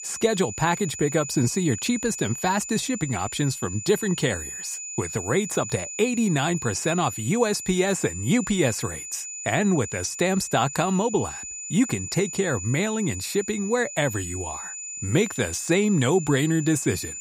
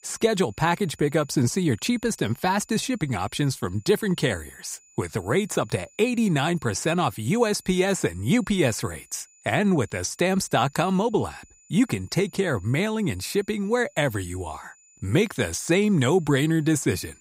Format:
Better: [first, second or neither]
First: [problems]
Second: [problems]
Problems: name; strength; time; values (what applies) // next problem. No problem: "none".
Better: second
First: high-pitched whine; loud; throughout; 7 kHz, 8 dB below the speech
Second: high-pitched whine; faint; throughout; 7 kHz, 30 dB below the speech